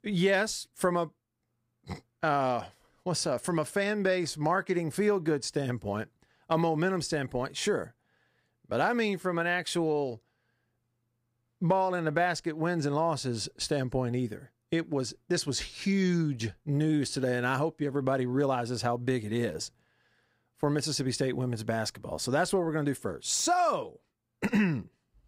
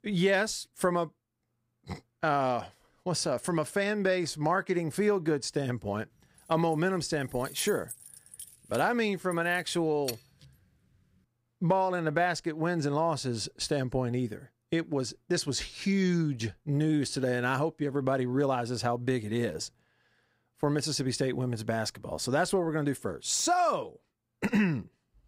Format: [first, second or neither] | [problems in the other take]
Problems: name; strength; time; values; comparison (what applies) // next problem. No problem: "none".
first | jangling keys; noticeable; from 6.5 to 10 s; peak 7 dB below the speech